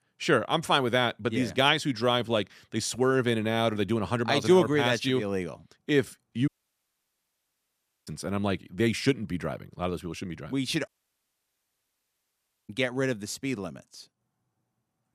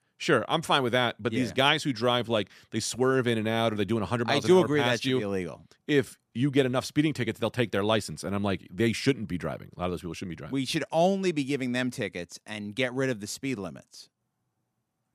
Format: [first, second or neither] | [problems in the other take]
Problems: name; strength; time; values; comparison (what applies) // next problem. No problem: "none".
second | audio cutting out; at 6.5 s for 1.5 s and at 11 s for 2 s